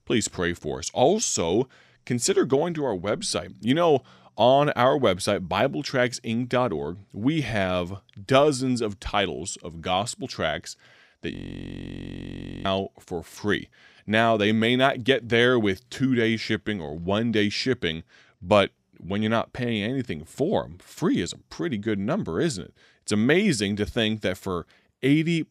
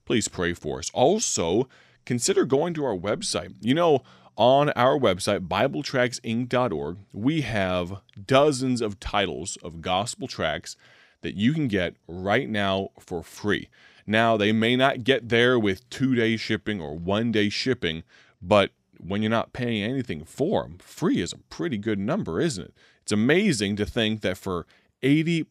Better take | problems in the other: second | audio freezing; at 11 s for 1.5 s

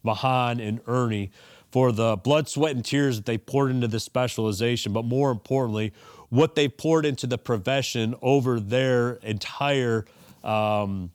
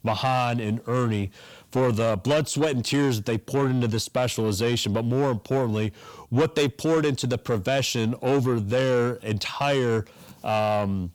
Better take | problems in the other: first | distortion; slight; 10 dB below the speech

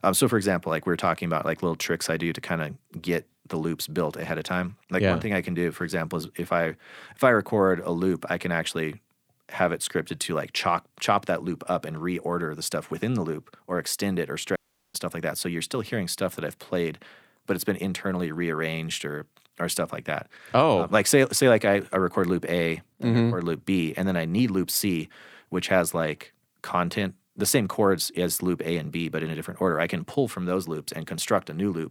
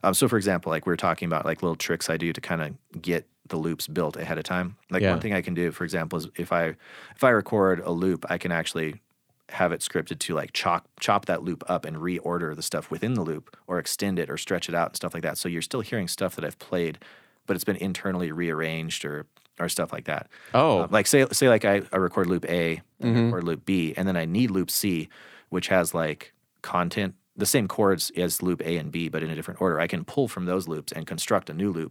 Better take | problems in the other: second | audio cutting out; at 15 s

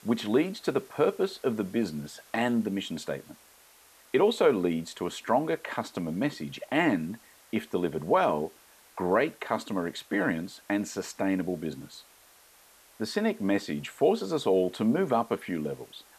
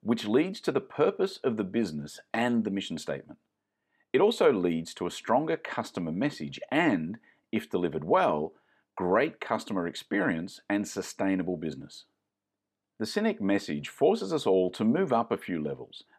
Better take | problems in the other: second | hiss; faint; throughout; 25 dB below the speech

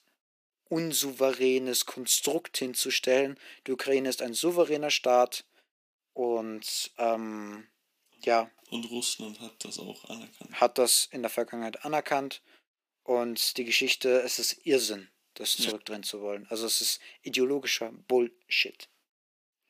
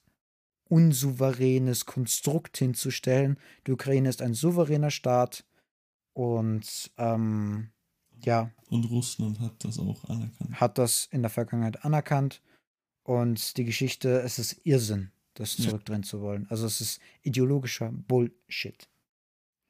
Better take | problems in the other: second | thin; somewhat; fading below 300 Hz

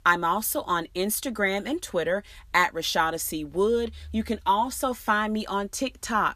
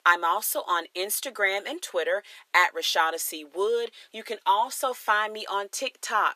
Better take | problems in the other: first | thin; very; fading below 400 Hz

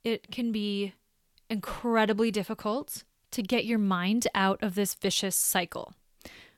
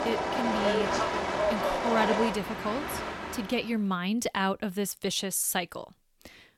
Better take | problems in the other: first | train or aircraft noise; very loud; until 3.5 s; 1 dB above the speech

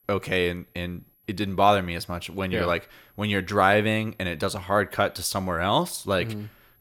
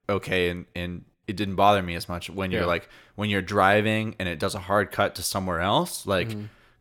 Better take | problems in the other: second | high-pitched whine; faint; throughout; 11.5 kHz, 35 dB below the speech

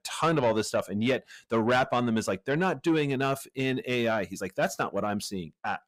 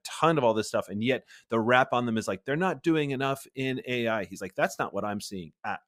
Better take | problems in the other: second | distortion; slight; 10 dB below the speech

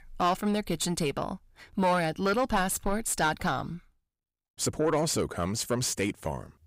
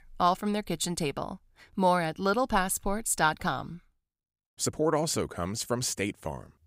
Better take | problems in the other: second | distortion; slight; 10 dB below the speech

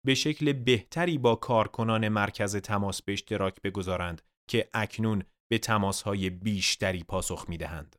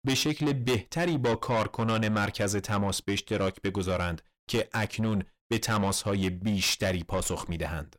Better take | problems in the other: first | distortion; heavy; 8 dB below the speech

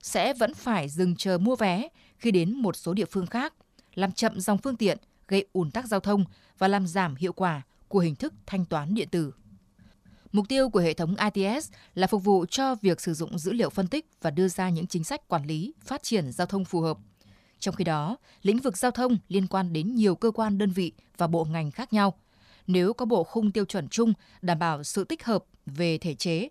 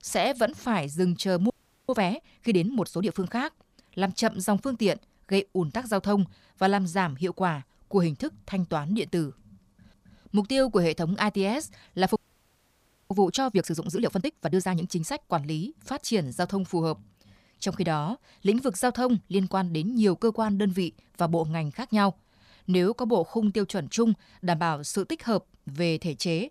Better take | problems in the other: first | audio freezing; at 1.5 s and at 12 s for 1 s

